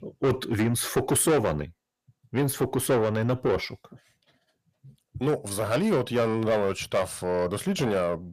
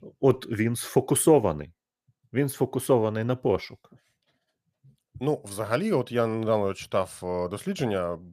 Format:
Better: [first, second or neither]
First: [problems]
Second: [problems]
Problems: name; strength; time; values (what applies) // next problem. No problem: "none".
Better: second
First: distortion; heavy; 6 dB below the speech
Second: none